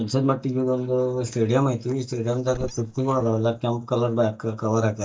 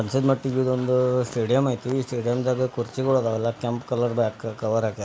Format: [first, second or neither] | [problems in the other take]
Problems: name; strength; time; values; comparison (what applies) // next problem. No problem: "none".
second | noise reduction (neural mask model DeepFilterNet 3)